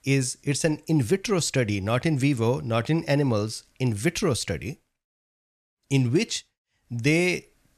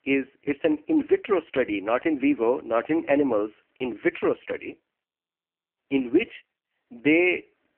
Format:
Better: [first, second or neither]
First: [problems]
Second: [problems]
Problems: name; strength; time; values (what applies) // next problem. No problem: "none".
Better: first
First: none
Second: phone-call audio; poor line; nothing above 3 kHz